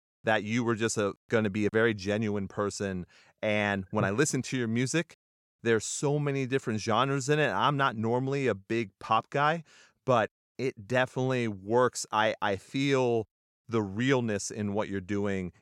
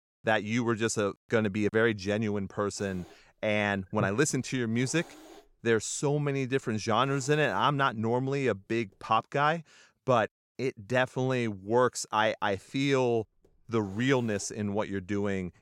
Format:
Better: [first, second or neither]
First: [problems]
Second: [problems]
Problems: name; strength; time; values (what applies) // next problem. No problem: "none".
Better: first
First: none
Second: hiss; faint; from 3 to 9 s and from 12 s on; 25 dB below the speech